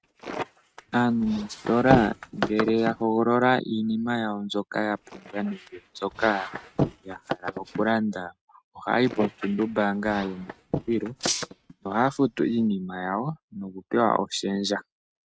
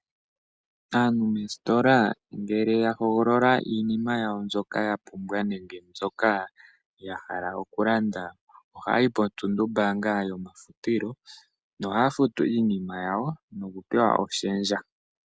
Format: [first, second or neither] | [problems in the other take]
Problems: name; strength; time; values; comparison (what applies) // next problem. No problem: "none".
second | noise reduction (neural mask model RNNoise)